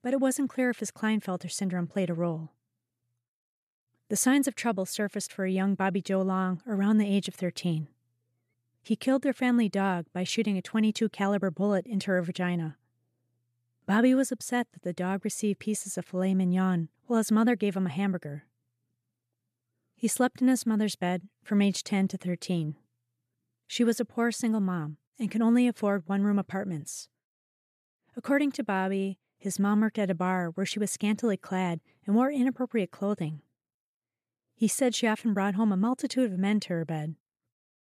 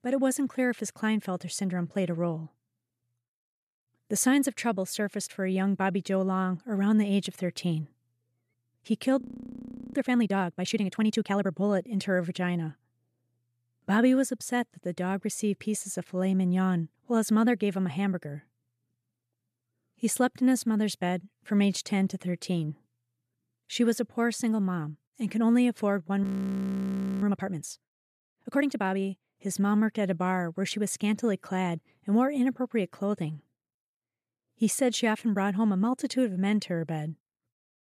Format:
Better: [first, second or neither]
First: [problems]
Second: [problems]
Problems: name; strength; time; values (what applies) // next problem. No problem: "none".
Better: first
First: none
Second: audio freezing; at 9 s for 0.5 s and at 26 s for 1 s